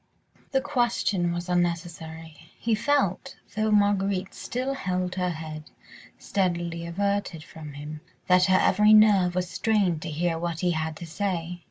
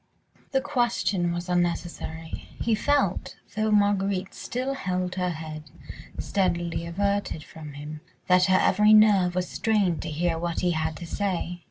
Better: first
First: none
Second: background sound (Tap); 8 dB below the speech

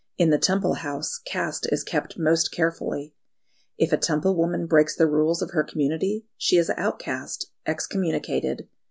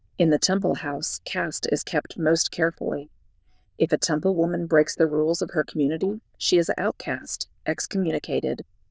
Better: first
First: none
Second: noise reduction (neural diffusion model UNIVERSE++)

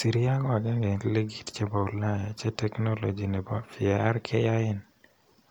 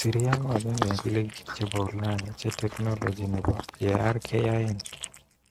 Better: first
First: none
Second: noise reduction (neural mask model RNNoise)

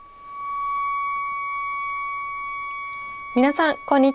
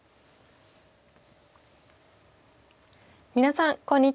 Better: second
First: background sound (Wind instrument, woodwind instrument); 4 dB below the speech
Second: none

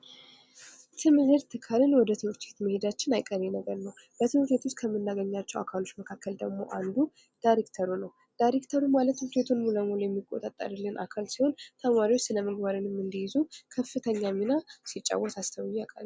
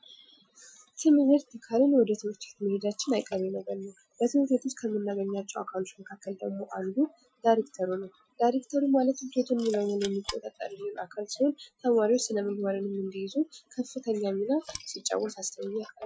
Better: first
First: none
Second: noise reduction (classical method Wiener filter)

